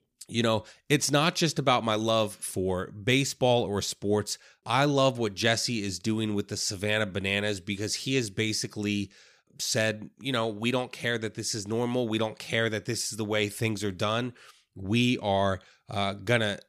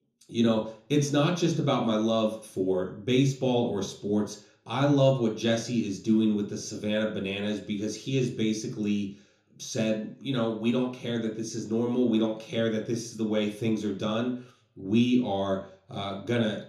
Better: first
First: none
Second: room echo; slight; dies away in 0.6 s // off-mic speech; far

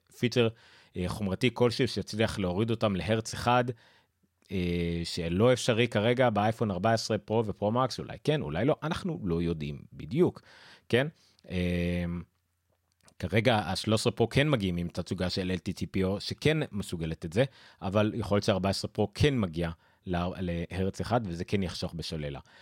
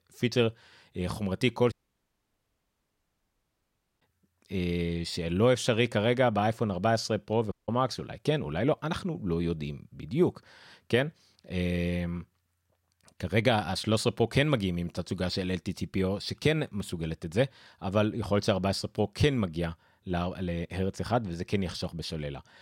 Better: first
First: none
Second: audio cutting out; at 1.5 s for 2.5 s and at 7.5 s

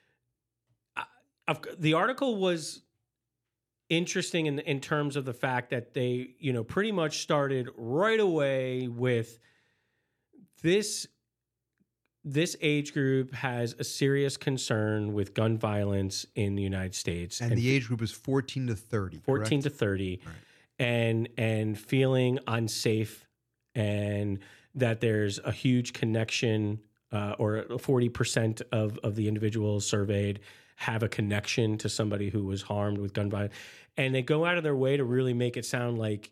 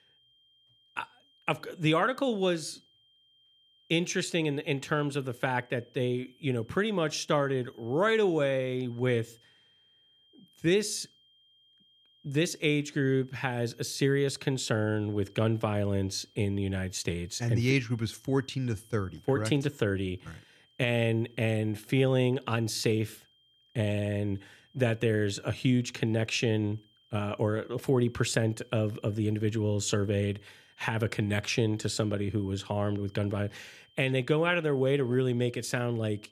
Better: first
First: none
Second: high-pitched whine; faint; throughout; 3 kHz, 35 dB below the speech

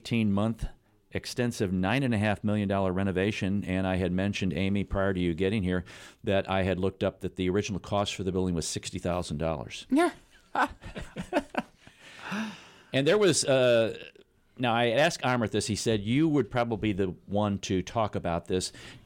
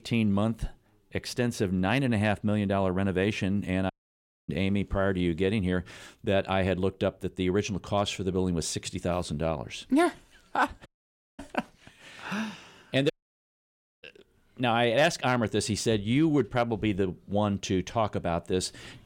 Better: first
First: none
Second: audio cutting out; at 4 s for 0.5 s, at 11 s for 0.5 s and at 13 s for 1 s

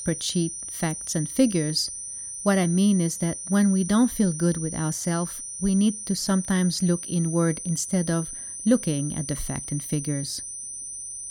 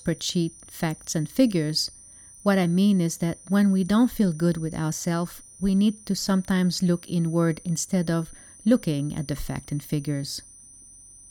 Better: second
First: high-pitched whine; loud; throughout; 9.5 kHz, 7 dB below the speech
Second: high-pitched whine; faint; throughout; 9.5 kHz, 20 dB below the speech

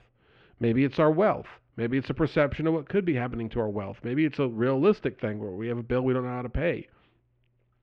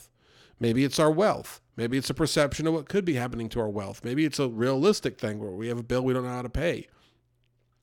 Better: second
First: muffled; very; fading above 2.5 kHz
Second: none

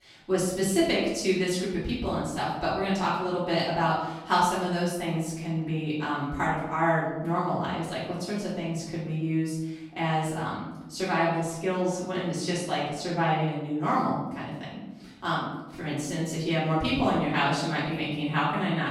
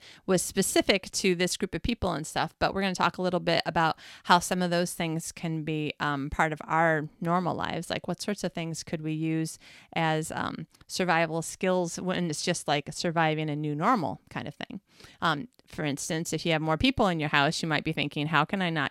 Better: second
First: room echo; noticeable; dies away in 1 s // off-mic speech; far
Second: none

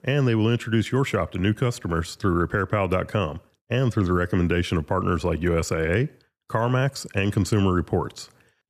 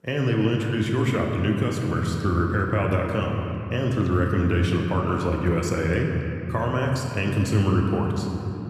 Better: first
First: none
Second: room echo; noticeable; dies away in 3 s

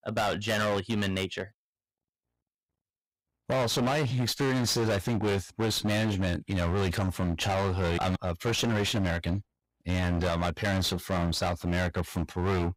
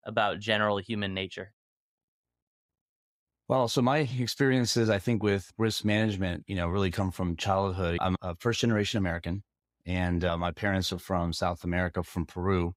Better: second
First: distortion; heavy; 26% of the sound clipped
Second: none

